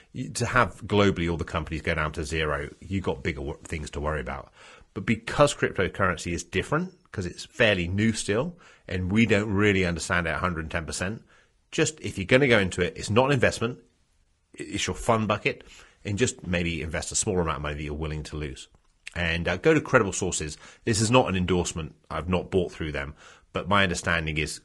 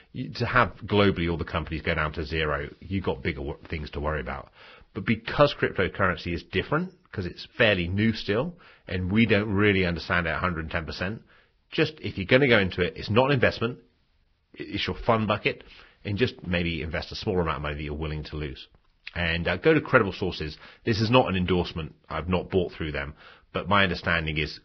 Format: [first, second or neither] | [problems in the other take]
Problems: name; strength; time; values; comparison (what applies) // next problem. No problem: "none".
first | garbled, watery; badly; nothing above 5.5 kHz; slightly in the first